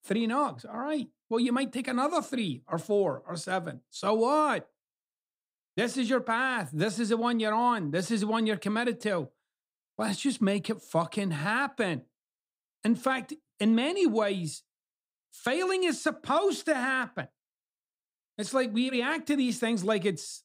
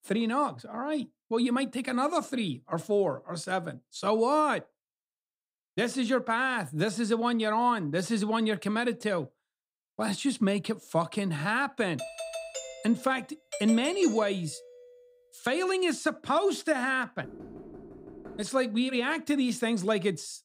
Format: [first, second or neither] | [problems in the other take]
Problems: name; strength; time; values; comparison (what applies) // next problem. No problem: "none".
first | doorbell; noticeable; from 12 to 15 s; peak 7 dB below the speech // door banging; faint; from 17 to 18 s; peak 15 dB below the speech